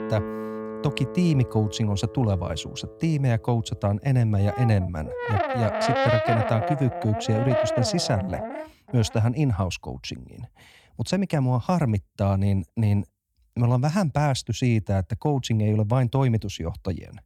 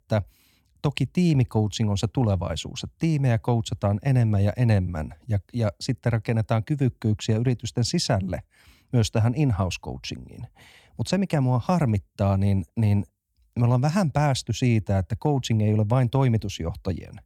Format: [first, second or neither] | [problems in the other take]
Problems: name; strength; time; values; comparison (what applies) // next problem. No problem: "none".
second | background music; loud; until 9 s; 4 dB below the speech